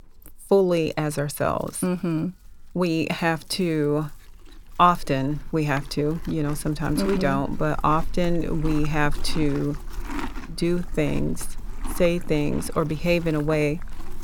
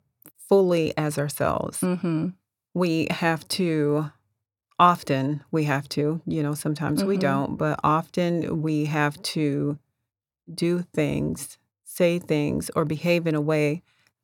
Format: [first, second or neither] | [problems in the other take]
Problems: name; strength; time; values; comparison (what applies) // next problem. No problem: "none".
second | animal sounds; noticeable; throughout; 15 dB below the speech